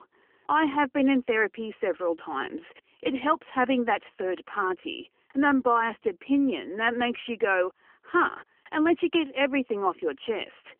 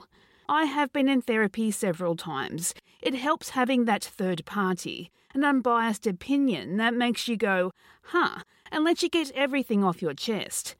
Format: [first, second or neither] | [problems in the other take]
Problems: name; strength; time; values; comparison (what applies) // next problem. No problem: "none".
second | phone-call audio; nothing above 3 kHz